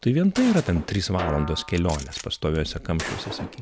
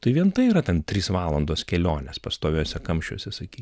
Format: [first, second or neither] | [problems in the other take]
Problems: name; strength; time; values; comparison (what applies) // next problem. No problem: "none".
second | background sound (Gunshot, gunfire + Snare drum); 12 dB below the speech